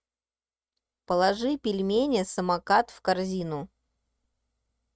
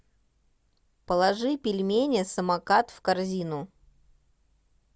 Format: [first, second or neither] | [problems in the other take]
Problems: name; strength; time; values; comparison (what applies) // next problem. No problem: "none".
second | noise reduction (neural mask model RNNoise)